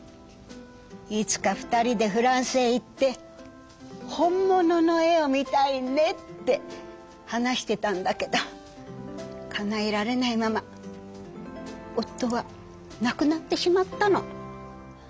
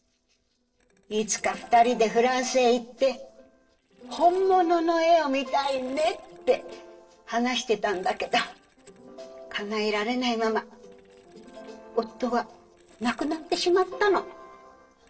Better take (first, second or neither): first